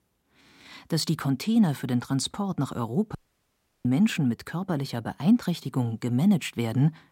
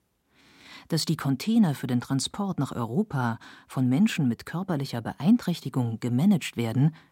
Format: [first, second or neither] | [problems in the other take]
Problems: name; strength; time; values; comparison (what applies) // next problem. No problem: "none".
second | audio cutting out; at 3 s for 0.5 s